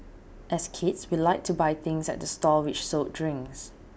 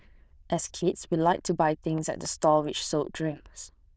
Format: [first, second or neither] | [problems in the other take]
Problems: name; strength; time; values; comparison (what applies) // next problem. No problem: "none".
first | noise reduction (neural diffusion model UNIVERSE++)